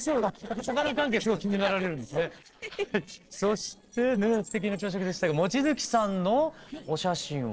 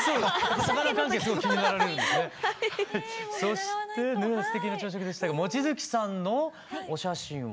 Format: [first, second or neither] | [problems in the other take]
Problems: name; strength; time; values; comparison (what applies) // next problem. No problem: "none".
second | noise reduction (neural separator model SepFormer DNS4)